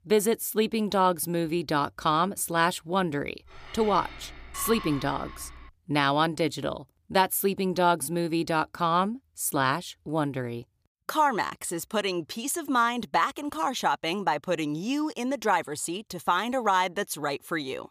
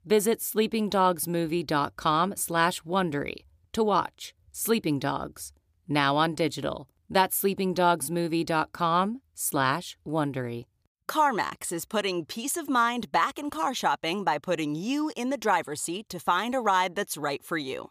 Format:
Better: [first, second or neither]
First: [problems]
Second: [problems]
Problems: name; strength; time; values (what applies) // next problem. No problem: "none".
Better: second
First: clattering dishes; noticeable; from 3.5 to 5.5 s; peak 9 dB below the speech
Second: none